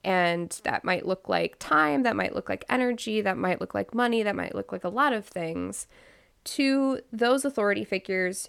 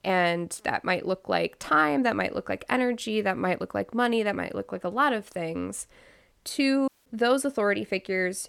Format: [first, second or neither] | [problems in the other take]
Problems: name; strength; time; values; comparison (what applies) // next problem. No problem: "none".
first | audio cutting out; at 7 s